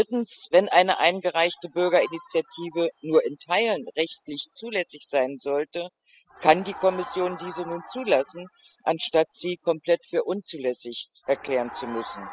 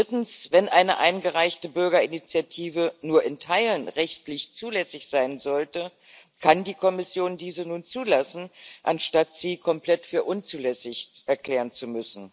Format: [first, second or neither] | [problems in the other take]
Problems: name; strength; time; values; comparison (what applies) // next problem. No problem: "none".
second | noise reduction (classical method spectral subtraction)